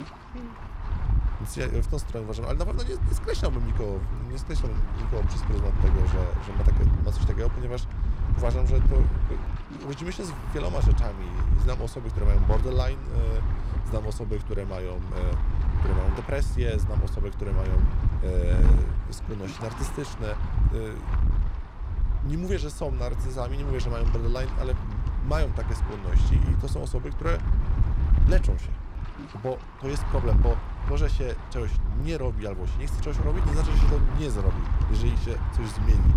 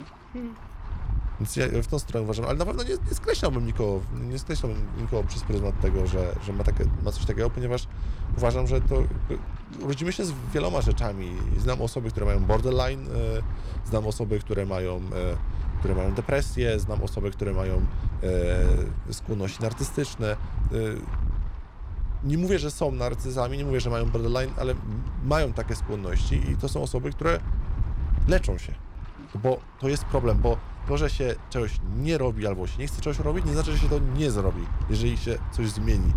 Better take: second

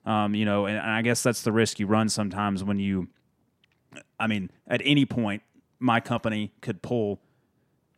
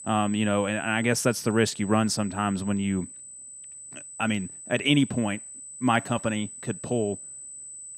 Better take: first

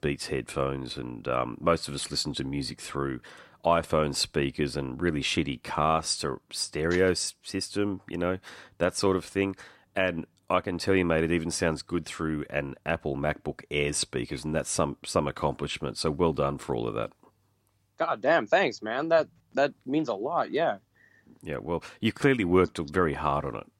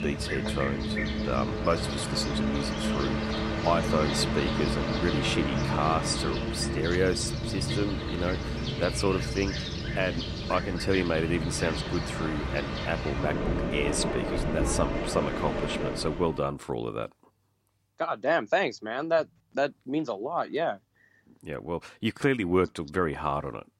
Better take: first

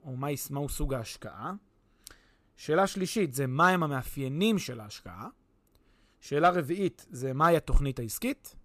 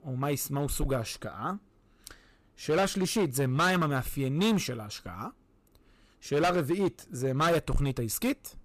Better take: first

